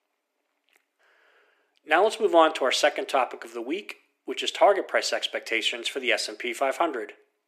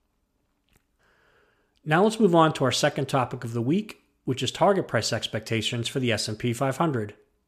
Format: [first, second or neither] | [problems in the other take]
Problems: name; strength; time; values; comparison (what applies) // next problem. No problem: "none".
second | thin; very; fading below 300 Hz